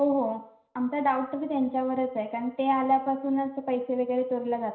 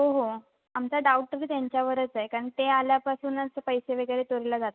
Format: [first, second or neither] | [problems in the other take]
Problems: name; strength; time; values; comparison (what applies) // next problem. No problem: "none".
second | room echo; dies away in 0.5 s